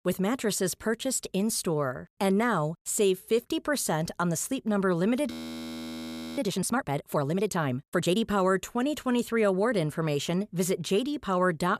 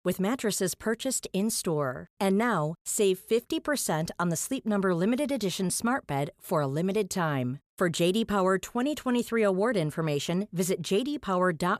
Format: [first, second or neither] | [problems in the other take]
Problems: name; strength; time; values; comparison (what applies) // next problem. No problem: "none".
second | audio freezing; at 5.5 s for 1 s